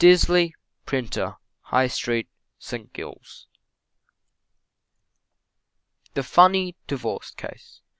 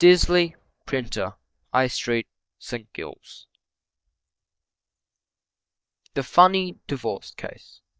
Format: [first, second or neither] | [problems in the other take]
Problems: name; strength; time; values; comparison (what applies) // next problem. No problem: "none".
first | noise reduction (neural mask model DeepFilterNet 3)